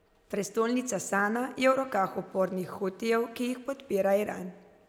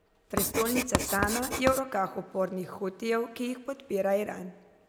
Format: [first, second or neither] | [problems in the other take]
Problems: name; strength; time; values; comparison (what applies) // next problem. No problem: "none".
first | background sound (Writing); 3 dB below the speech